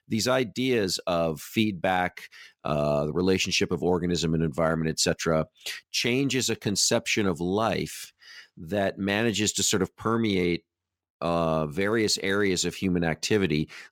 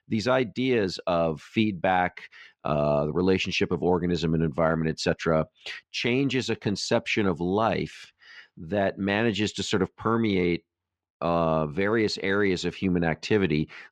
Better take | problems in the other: first | muffled; slightly; fading above 3.5 kHz

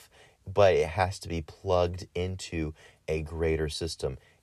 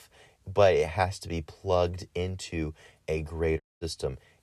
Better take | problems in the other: first | audio cutting out; at 3.5 s

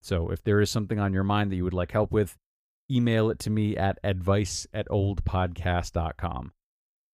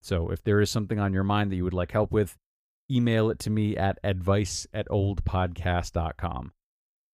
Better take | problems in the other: neither | none

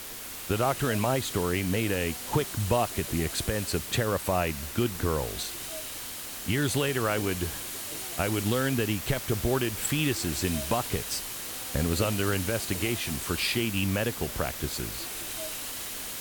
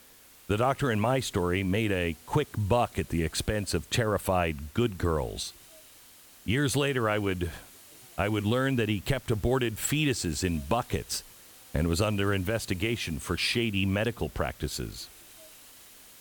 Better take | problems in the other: second | hiss; loud; throughout; 5 dB below the speech; faint in the second

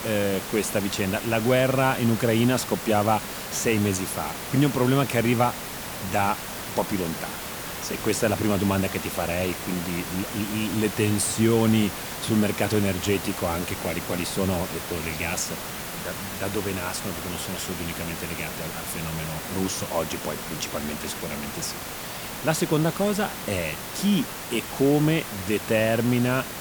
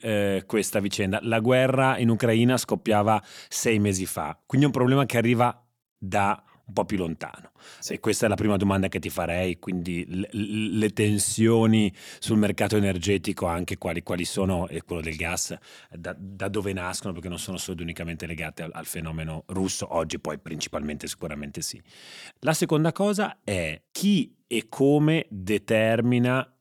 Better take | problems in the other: second | hiss; loud; throughout; 7 dB below the speech

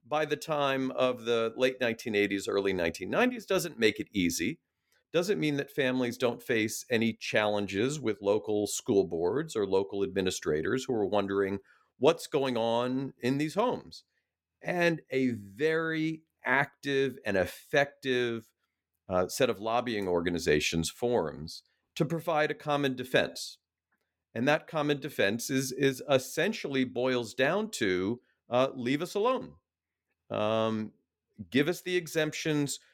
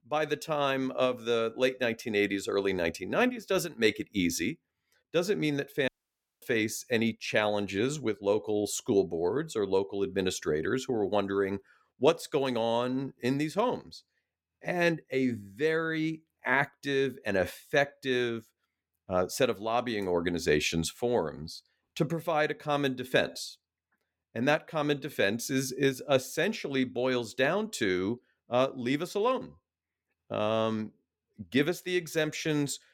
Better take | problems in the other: first | audio cutting out; at 6 s for 0.5 s

